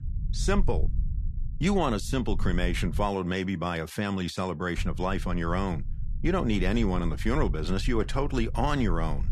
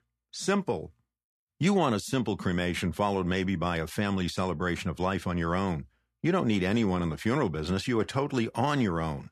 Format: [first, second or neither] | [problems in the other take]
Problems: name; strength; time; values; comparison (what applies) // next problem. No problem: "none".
second | low rumble; faint; until 3 s and from 5 s on; 20 dB below the speech